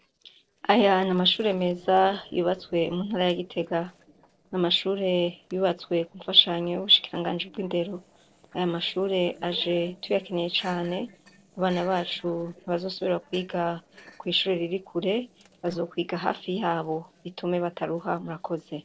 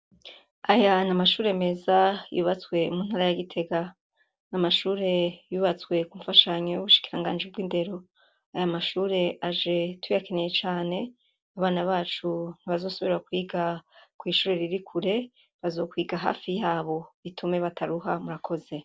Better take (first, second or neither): second